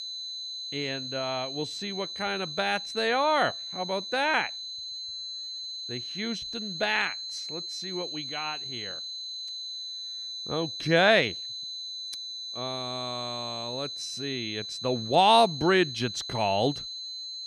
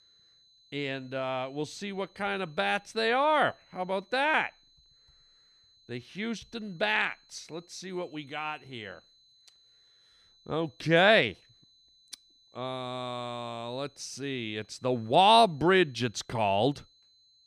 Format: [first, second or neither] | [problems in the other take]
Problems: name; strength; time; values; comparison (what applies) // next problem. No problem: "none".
second | high-pitched whine; loud; throughout; 4 kHz, 7 dB below the speech; faint in the second